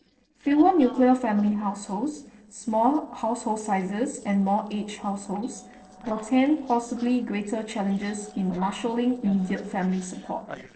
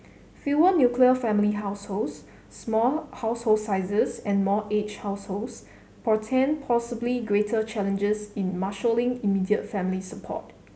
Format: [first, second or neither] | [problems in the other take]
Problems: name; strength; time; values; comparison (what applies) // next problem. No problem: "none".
second | noise reduction (neural separator model SepFormer DNS4)